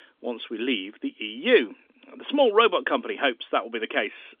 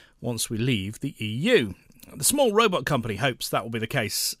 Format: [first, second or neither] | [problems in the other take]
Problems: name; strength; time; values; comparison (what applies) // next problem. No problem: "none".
second | phone-call audio; nothing above 3.5 kHz